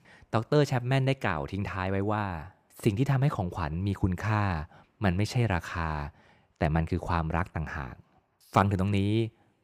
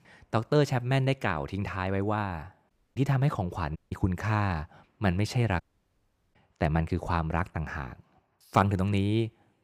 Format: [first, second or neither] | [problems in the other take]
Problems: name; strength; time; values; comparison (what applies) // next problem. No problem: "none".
first | audio cutting out; at 2.5 s, at 4 s and at 5.5 s for 1 s